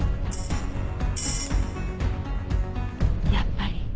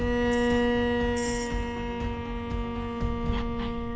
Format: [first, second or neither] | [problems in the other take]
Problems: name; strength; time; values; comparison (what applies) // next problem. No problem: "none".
first | background sound (Bowed string instrument); 4 dB above the speech